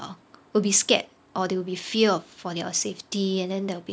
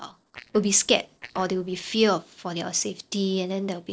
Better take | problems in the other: first | noise reduction (neural separator model SepFormer DNS4)

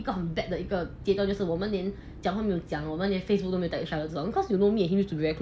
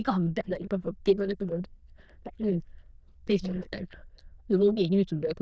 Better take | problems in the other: first | noise reduction (neural diffusion model UNIVERSE++)

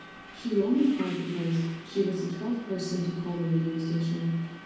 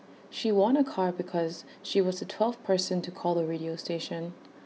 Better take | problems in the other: second | background sound (Subway, metro, underground); 18 dB below the speech // room echo; dies away in 1.2 s

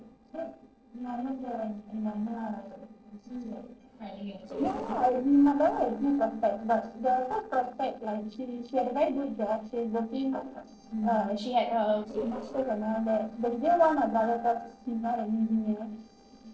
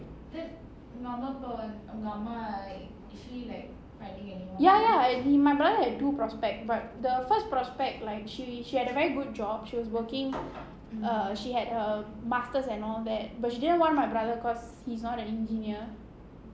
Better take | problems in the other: second | noise reduction (neural separator model SepFormer DNS4)

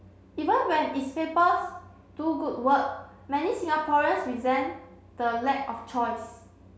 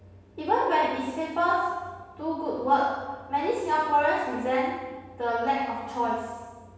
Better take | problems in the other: first | room echo; dies away in 1 s

